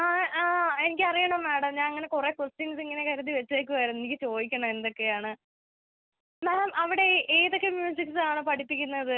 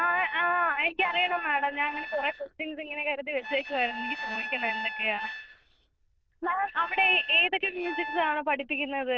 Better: first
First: none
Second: noise reduction (neural diffusion model UNIVERSE++)

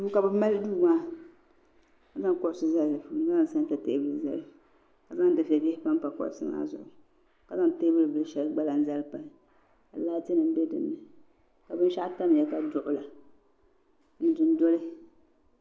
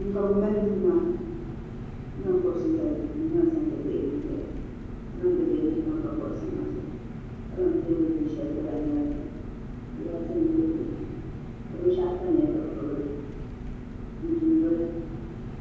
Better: first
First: none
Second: background sound (Engine); 9 dB below the speech // room echo; dies away in 1.3 s

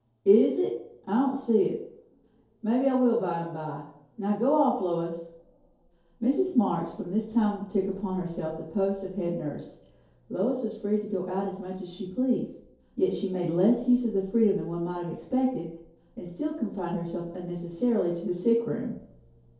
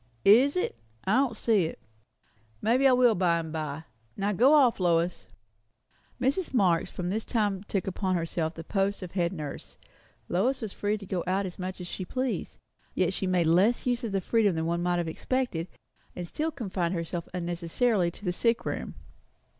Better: second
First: room echo; dies away in 2.4 s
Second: none

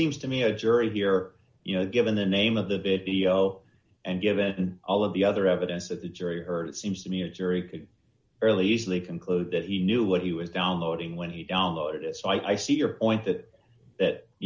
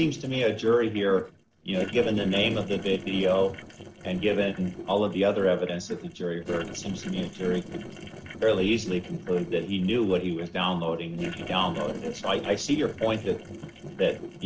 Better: first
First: none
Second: noise reduction (neural separator model SepFormer DNS4)

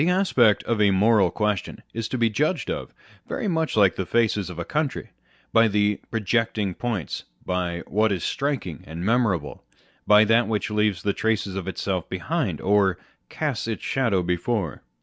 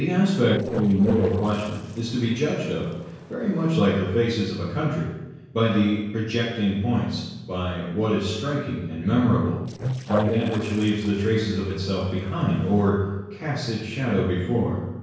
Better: first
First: none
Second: noise reduction (neural separator model SepFormer DNS4)

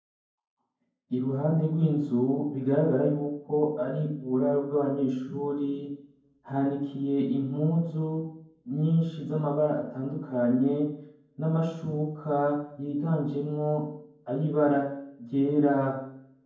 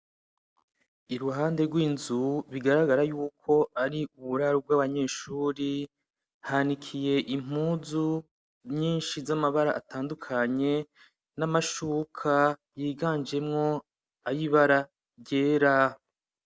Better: second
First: room echo; dies away in 0.9 s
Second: none

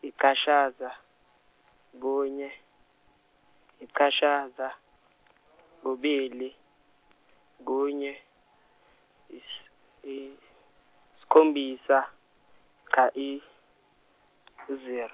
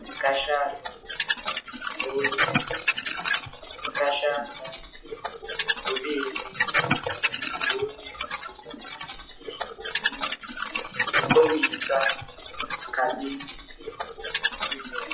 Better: first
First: none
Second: noise reduction (classical method WPE with log-MMSE)

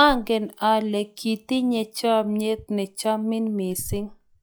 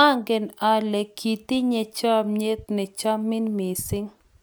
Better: second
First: noise reduction (classical method log-MMSE)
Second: none

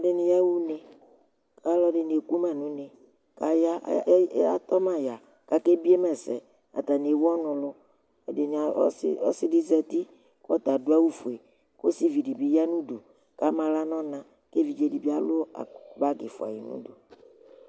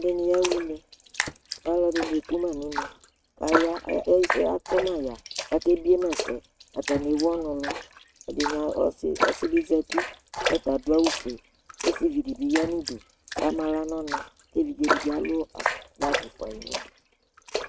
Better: first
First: none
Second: noise reduction (neural mask model RNNoise)

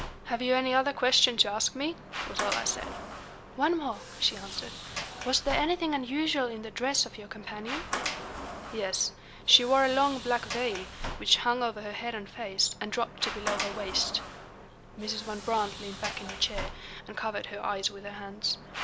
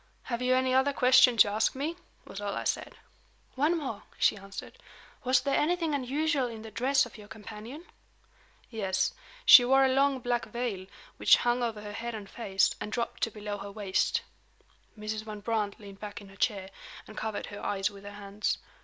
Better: second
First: background sound (Sliding door); 9 dB below the speech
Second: none

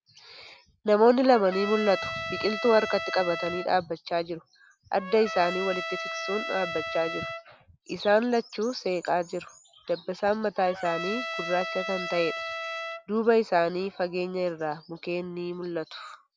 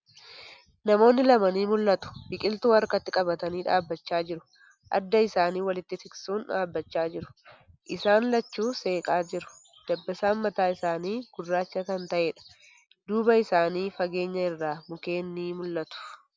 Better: second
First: background sound (Trumpet); 7 dB below the speech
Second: none

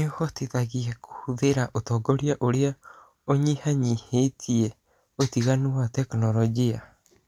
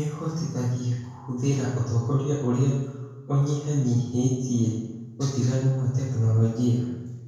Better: first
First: none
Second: room echo; dies away in 0.9 s

